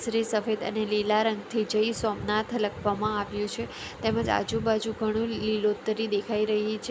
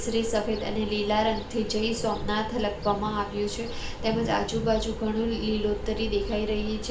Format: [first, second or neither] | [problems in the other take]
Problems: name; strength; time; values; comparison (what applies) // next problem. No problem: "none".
first | background sound (Gull, seagull / Fowl); 8 dB below the speech // room echo; dies away in 0.4 s